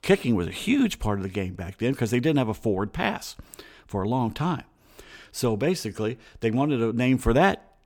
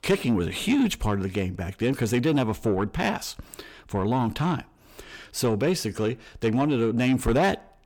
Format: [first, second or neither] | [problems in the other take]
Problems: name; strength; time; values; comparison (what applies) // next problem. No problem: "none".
first | distortion; slight; 10 dB below the speech